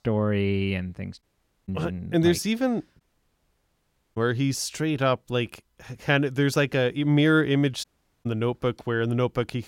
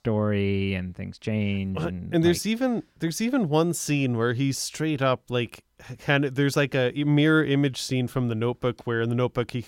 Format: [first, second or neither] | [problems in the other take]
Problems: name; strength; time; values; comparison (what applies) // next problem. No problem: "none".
second | audio cutting out; at 1 s, at 3 s for 1 s and at 8 s